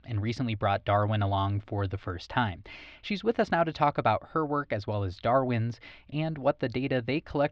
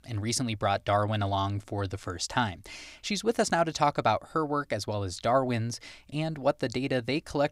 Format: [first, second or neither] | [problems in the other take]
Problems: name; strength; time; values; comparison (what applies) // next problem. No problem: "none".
second | muffled; slightly; fading above 3.5 kHz